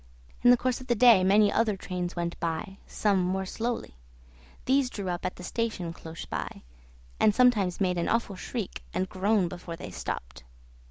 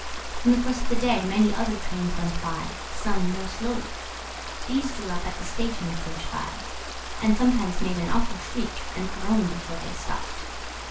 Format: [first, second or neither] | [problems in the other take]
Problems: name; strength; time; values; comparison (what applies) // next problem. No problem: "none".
first | background sound (Stream); 11 dB below the speech // room echo; dies away in 0.2 s